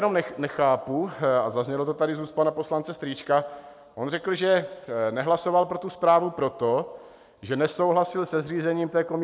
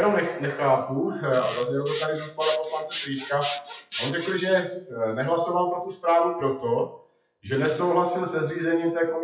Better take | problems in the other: first | noise reduction (classical method WPE with log-MMSE)

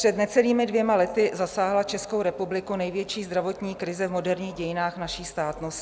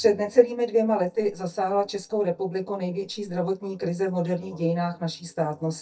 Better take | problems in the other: first | noise reduction (neural mask model DeepFilterNet 3)

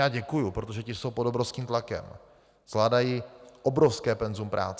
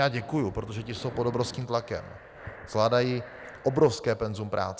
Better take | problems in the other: first | background sound (Breathing); 17 dB below the speech

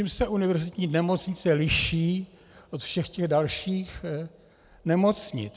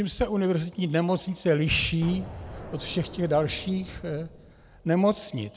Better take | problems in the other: first | background sound (Explosion); 15 dB below the speech

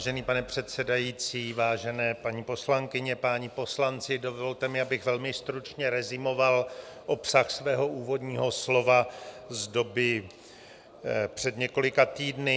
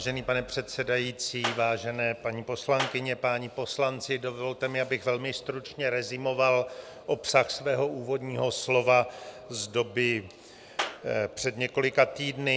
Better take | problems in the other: first | background sound (Clapping); 9 dB below the speech

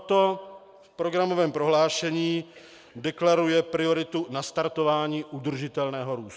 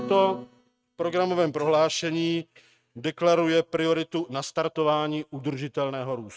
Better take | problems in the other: first | noise reduction (neural mask model RNNoise)

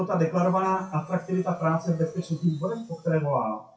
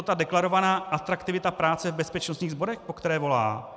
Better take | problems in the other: second | noise reduction (classical method WPE with log-MMSE)

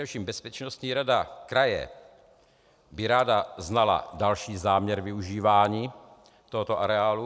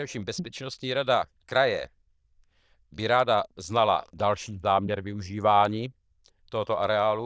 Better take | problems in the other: first | noise reduction (neural diffusion model UNIVERSE++)

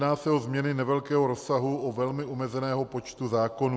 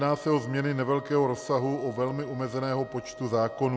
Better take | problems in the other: first | background sound (Wind instrument, woodwind instrument); 17 dB below the speech

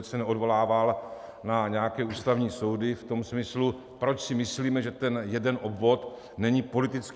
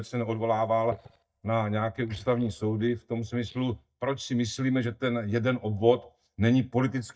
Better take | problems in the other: first | noise reduction (neural mask model DeepFilterNet 3)

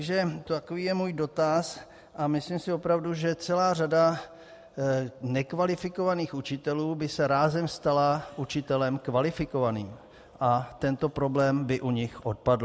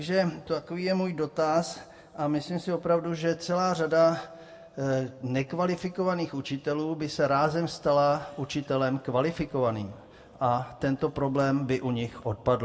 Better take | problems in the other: first | room echo; dies away in 1 s

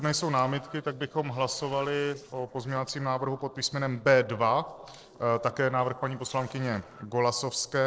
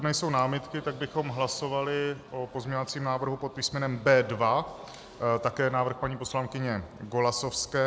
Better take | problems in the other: second | noise reduction (neural separator model SepFormer DNS4)

